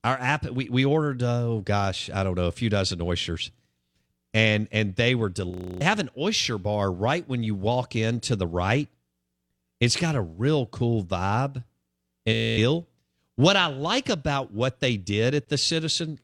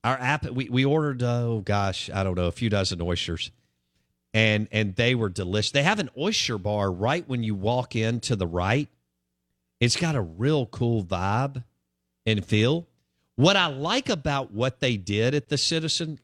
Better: second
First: audio freezing; at 5.5 s and at 12 s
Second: none

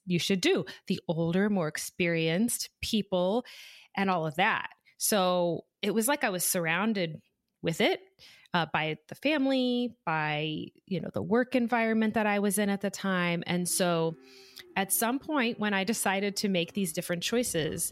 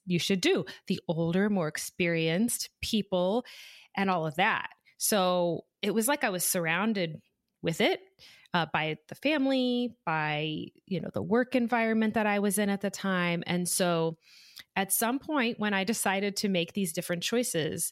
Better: second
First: animal sounds; faint; from 13 s on; 30 dB below the speech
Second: none

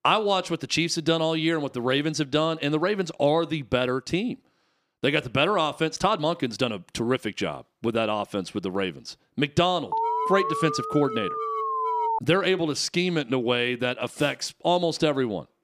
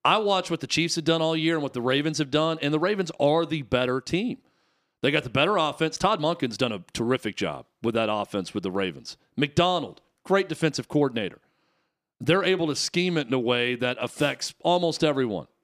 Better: second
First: alarm; noticeable; from 10 to 12 s; peak level with the speech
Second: none

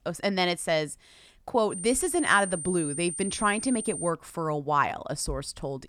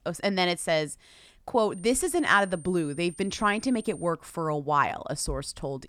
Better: second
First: high-pitched whine; loud; from 1.5 to 4 s; 9 kHz, 7 dB below the speech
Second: high-pitched whine; faint; from 1.5 to 4 s; 9 kHz, 20 dB below the speech

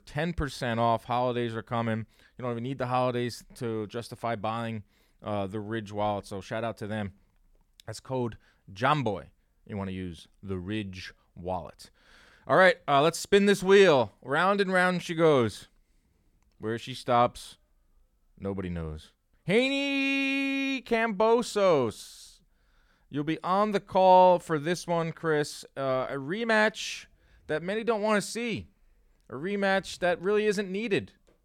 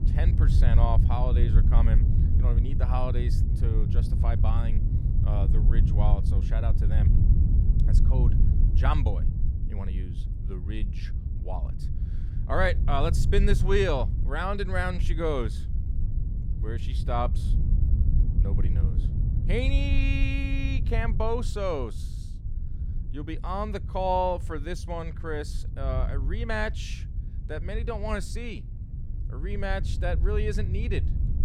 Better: first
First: none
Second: low rumble; noticeable; throughout; 10 dB below the speech

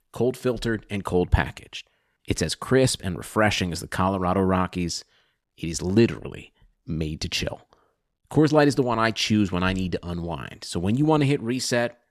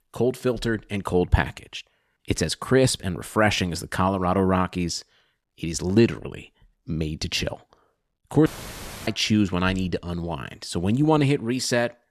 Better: first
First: none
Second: audio cutting out; filled with static; at 8.5 s for 0.5 s

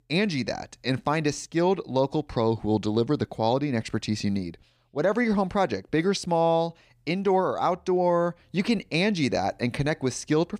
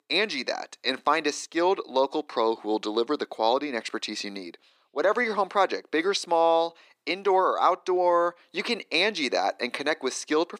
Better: first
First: none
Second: thin; somewhat; fading below 300 Hz

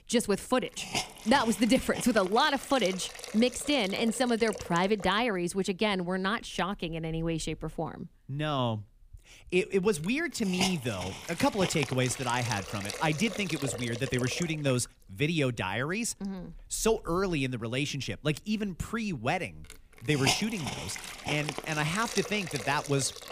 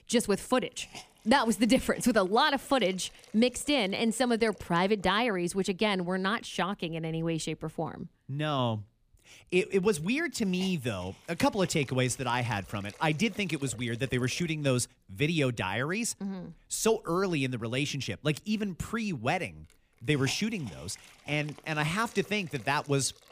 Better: second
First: hiss; loud; throughout; 8 dB below the speech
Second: hiss; faint; throughout; 20 dB below the speech

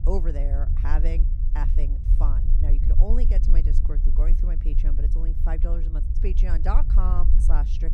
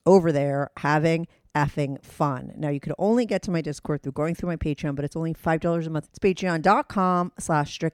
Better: second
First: low rumble; loud; throughout; 7 dB below the speech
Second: none

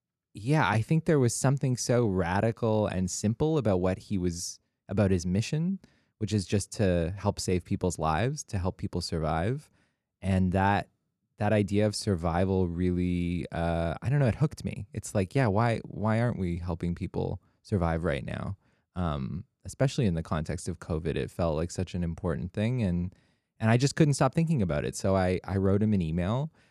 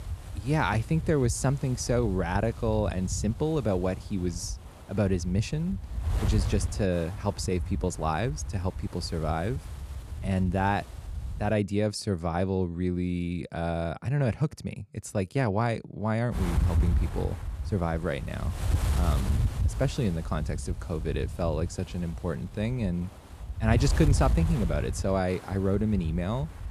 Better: first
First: none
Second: wind noise on the microphone; occasional gusts; until 12 s and from 16 s on; 15 dB below the speech

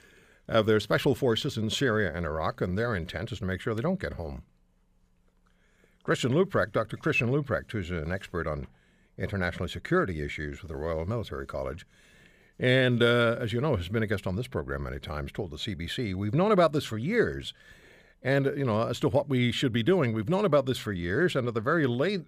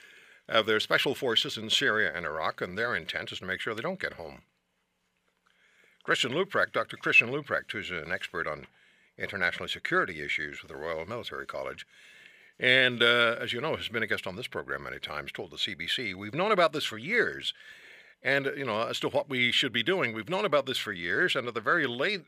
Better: first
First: none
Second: thin; somewhat; fading below 600 Hz

